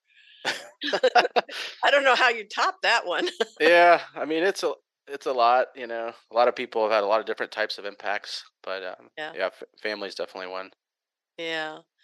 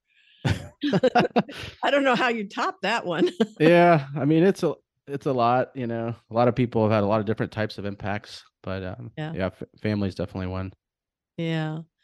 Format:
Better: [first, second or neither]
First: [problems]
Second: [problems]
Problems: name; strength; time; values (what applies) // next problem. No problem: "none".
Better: second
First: thin; very; fading below 500 Hz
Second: none